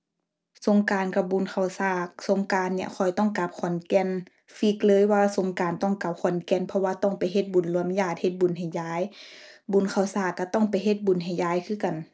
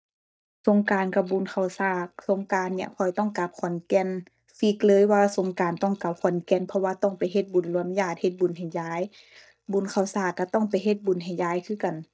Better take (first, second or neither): first